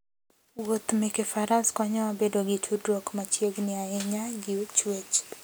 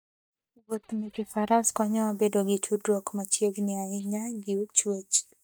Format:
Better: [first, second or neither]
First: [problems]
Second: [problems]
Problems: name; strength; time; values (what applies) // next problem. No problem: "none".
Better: first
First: none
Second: noise reduction (neural mask model DeepFilterNet 3)